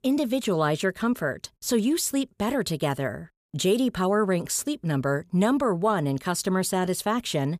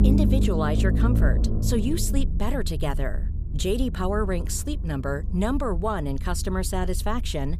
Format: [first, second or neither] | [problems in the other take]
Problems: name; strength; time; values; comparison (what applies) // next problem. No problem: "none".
first | low rumble; loud; throughout; 8 dB below the speech